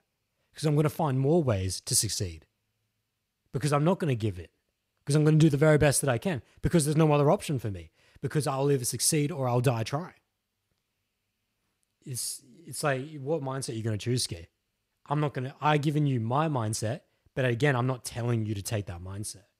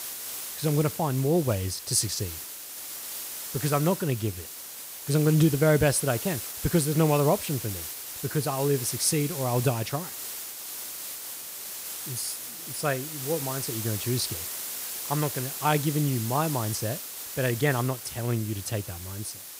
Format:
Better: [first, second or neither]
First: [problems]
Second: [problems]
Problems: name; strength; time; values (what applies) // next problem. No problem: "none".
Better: first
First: none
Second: hiss; loud; throughout; 7 dB below the speech